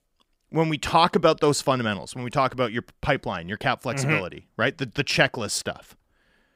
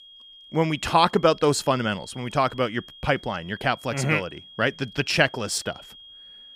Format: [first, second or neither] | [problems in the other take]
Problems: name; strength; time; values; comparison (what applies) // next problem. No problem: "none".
first | high-pitched whine; faint; throughout; 3.5 kHz, 20 dB below the speech